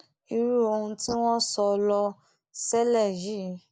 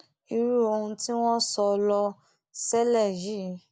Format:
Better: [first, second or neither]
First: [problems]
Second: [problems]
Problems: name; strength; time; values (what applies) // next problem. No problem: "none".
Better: second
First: noise reduction (neural mask model Resemble Enhance denoiser)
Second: none